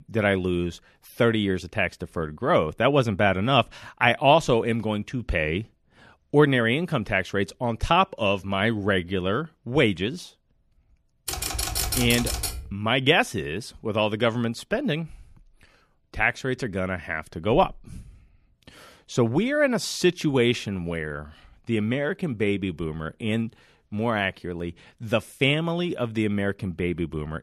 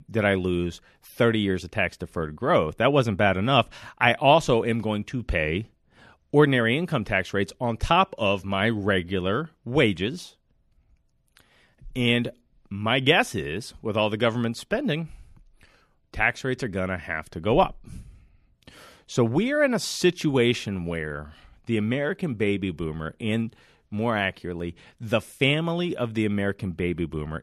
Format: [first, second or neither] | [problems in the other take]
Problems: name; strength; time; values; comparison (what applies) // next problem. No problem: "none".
second | keyboard typing; noticeable; from 11 to 13 s; peak 1 dB below the speech